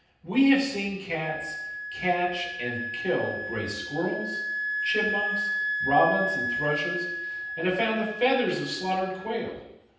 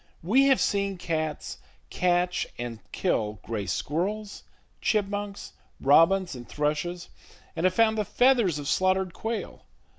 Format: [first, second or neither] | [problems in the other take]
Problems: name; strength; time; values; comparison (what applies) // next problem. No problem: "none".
second | background sound (Wind instrument, woodwind instrument); 4 dB below the speech // room echo; dies away in 0.9 s